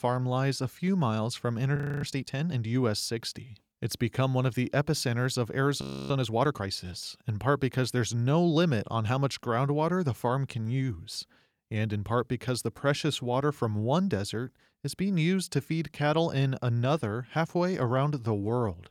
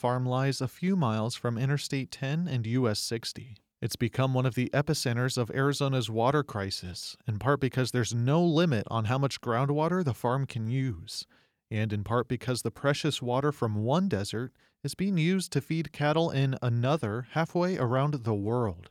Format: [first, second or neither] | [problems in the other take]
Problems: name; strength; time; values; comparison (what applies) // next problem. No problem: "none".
second | audio freezing; at 2 s and at 6 s